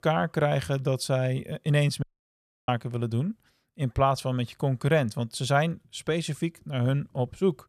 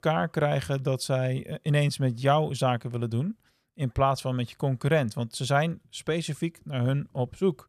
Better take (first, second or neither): second